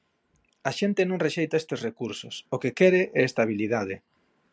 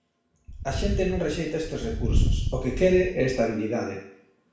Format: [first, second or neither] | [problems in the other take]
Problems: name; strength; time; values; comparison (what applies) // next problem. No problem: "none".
first | background sound (Wind); as loud as the speech // room echo; dies away in 0.6 s